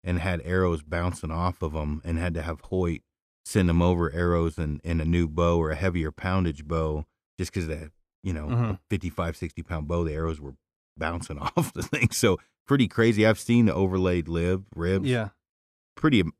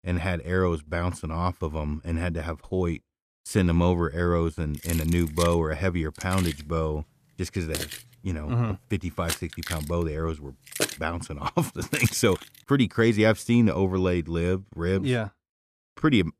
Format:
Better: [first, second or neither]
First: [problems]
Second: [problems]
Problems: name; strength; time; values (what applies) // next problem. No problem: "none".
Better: first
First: none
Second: jangling keys; noticeable; from 5 to 12 s; peak 2 dB below the speech